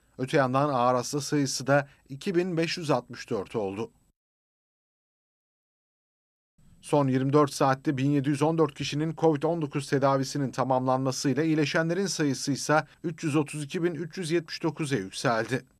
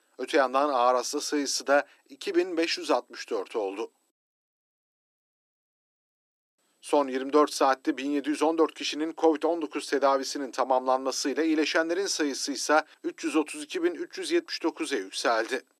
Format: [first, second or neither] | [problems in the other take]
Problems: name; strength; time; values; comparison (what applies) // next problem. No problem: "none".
first | thin; somewhat; fading below 300 Hz